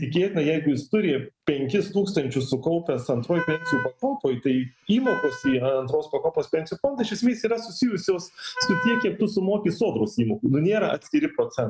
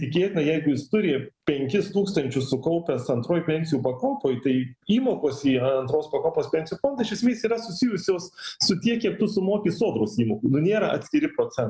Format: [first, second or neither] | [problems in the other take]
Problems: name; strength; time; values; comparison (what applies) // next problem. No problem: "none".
second | noise reduction (neural mask model RNNoise)